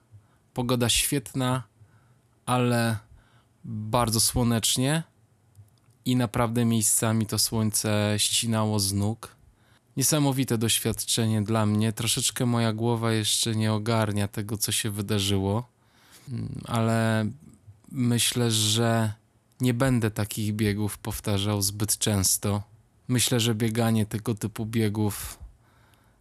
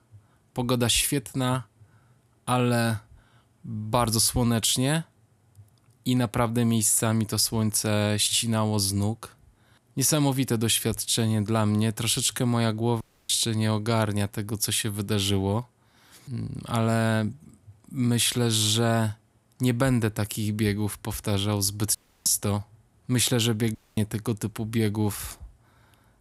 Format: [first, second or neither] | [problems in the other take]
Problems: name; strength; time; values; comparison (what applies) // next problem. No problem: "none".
first | audio cutting out; at 13 s, at 22 s and at 24 s